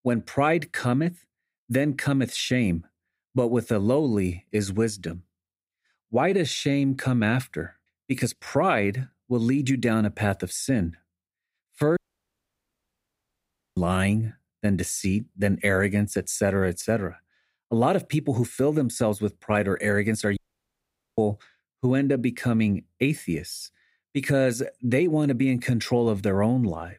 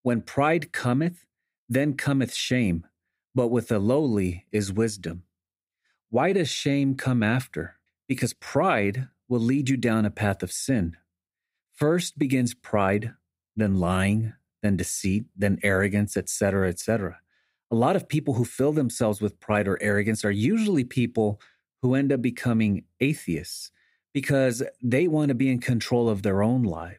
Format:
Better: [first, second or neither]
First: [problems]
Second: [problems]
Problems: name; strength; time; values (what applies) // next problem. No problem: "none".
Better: second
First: audio cutting out; at 12 s for 2 s and at 20 s for 1 s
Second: none